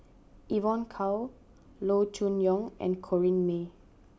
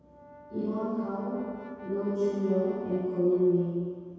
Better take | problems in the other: first | background sound (Brass instrument); 19 dB below the speech // room echo; dies away in 2 s

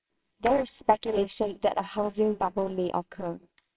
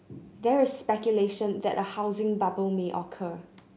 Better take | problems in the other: second | noise reduction (neural separator model SepFormer WHAMR!)

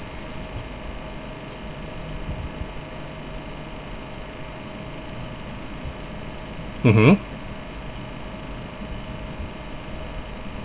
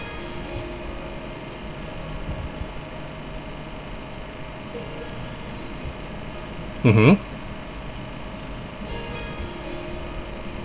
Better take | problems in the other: first | background sound (Harp); 15 dB below the speech

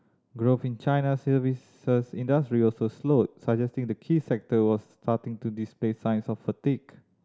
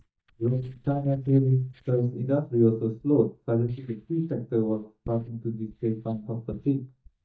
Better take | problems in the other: first | noise reduction (neural mask model DeepFilterNet 3)

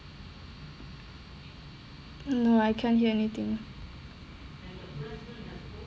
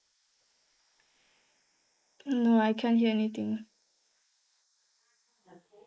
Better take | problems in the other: first | noise reduction (neural mask model Resemble Enhance denoiser)

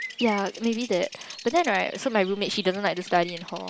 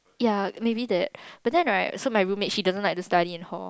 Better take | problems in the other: second | background sound (Bird vocalization, bird call, bird song); 14 dB below the speech

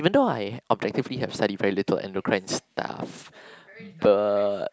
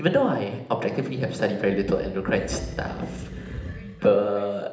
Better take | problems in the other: first | background sound (Animal); 12 dB below the speech // room echo; dies away in 0.8 s

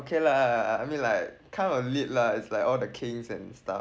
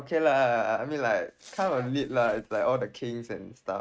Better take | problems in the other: first | noise reduction (neural mask model RNNoise)

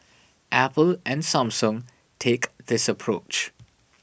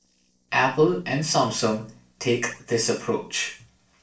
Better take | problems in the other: first | noise reduction (neural separator model SepFormer DNS4)

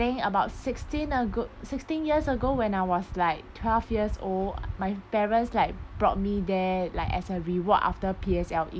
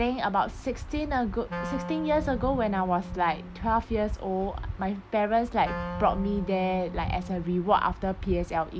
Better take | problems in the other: first | background sound (Wind instrument, woodwind instrument); 11 dB below the speech

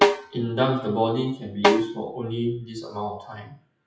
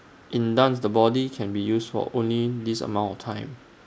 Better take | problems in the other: second | noise reduction (classical method WPE with log-MMSE)

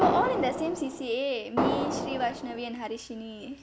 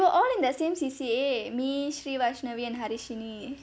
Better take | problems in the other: second | background sound (Fireworks); 1 dB below the speech

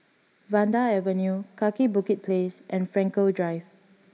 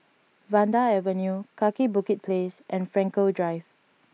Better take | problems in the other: second | room echo; dies away in 0.5 s

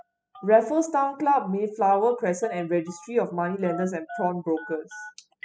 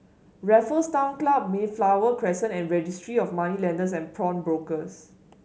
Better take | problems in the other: second | noise reduction (classical method spectral subtraction)

